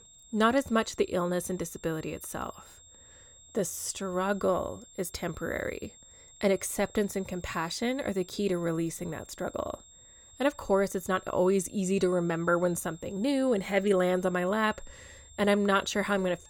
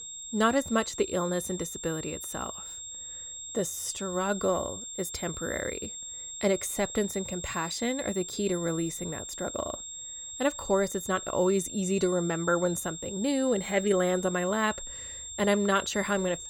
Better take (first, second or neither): first